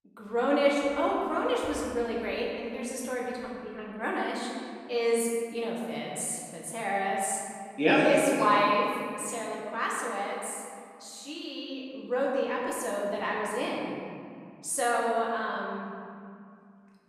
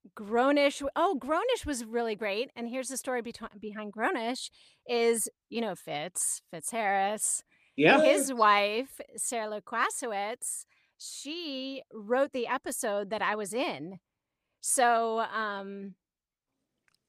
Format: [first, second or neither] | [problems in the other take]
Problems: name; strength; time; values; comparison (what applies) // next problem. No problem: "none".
second | room echo; noticeable; dies away in 2.3 s // off-mic speech; far